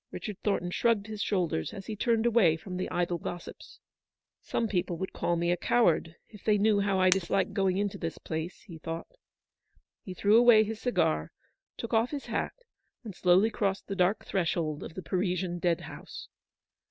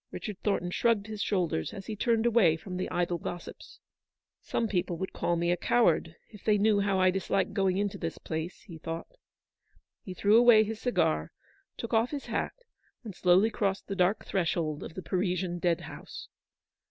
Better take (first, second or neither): second